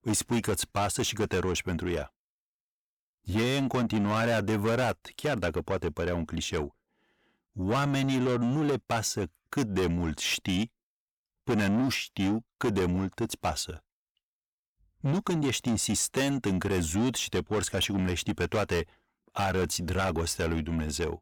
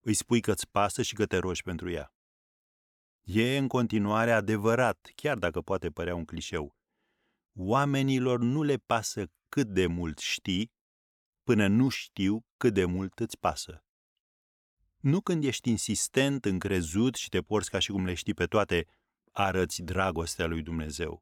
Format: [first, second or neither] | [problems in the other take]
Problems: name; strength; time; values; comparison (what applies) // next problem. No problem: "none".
second | distortion; heavy; 7 dB below the speech